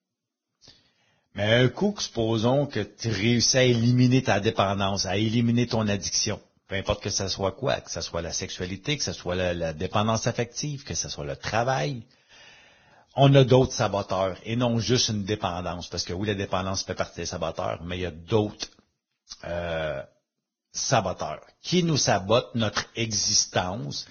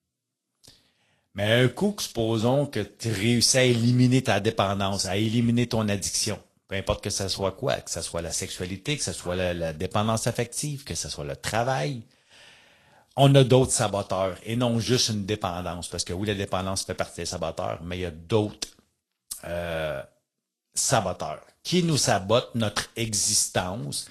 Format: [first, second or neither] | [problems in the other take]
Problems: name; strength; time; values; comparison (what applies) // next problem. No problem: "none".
second | garbled, watery; badly; nothing above 6.5 kHz; slightly in the second